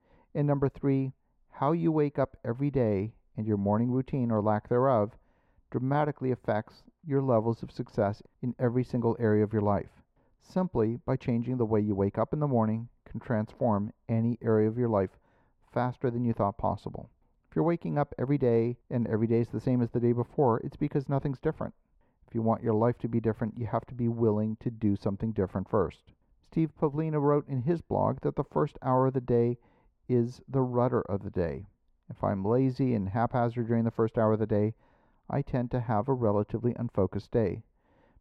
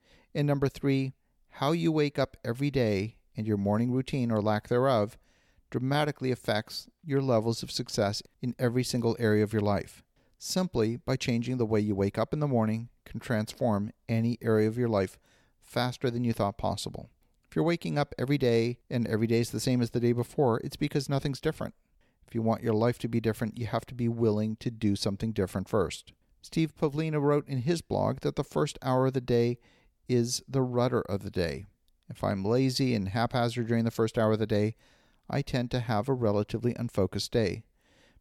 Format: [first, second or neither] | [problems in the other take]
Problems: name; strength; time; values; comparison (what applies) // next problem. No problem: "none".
second | muffled; very; fading above 2.5 kHz